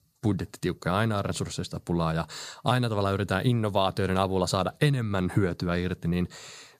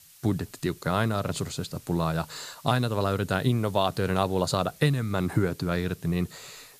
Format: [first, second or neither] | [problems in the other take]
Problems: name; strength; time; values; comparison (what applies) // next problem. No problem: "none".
first | hiss; faint; throughout; 25 dB below the speech